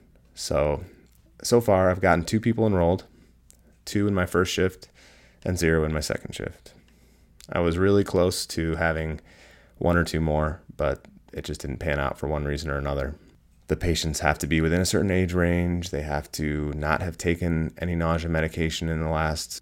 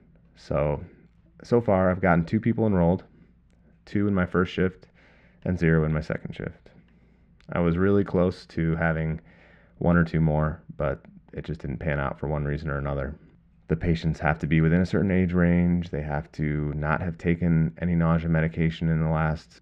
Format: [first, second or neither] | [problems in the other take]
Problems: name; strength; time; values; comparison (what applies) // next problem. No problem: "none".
first | muffled; very; fading above 2 kHz